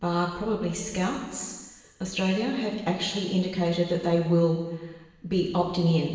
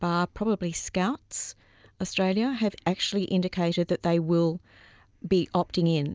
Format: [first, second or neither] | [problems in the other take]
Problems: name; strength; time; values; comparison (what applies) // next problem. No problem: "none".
second | room echo; dies away in 1.2 s